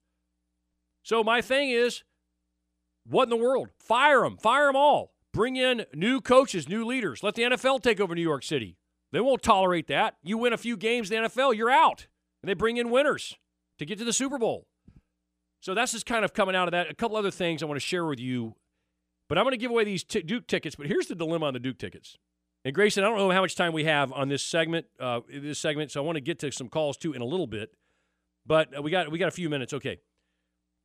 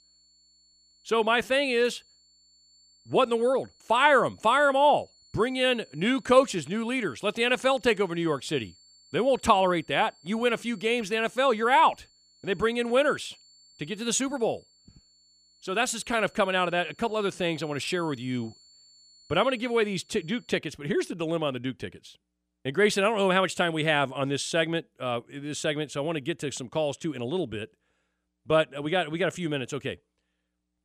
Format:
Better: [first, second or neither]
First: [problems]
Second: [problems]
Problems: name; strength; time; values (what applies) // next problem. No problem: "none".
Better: first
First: none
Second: high-pitched whine; faint; until 21 s; 4.5 kHz, 30 dB below the speech